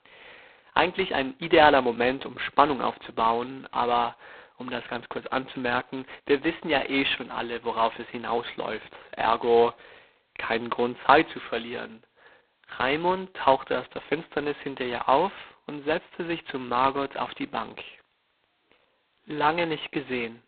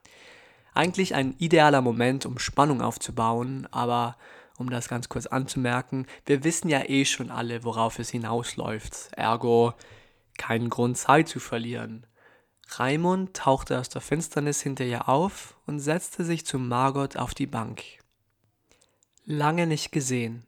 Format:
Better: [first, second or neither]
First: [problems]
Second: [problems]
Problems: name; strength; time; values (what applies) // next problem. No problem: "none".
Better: second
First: phone-call audio; poor line; nothing above 4 kHz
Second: none